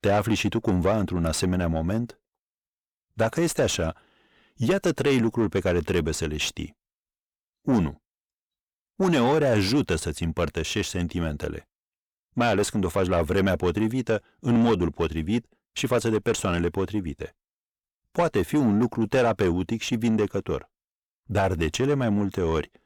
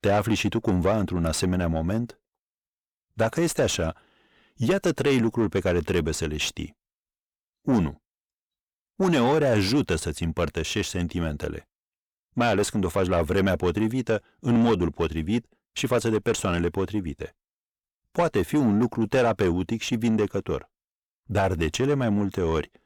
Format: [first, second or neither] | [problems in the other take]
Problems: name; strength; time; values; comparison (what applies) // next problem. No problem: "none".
neither | distortion; slight; 10 dB below the speech; the same in both